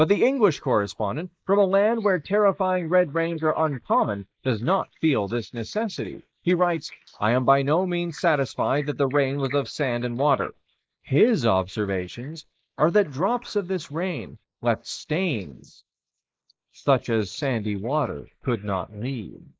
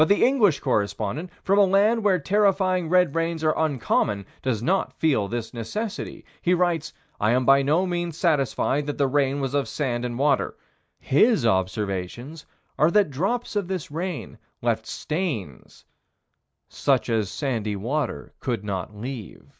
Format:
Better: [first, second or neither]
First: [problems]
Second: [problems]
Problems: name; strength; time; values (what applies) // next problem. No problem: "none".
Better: second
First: noise reduction (neural mask model Resemble Enhance denoiser)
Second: none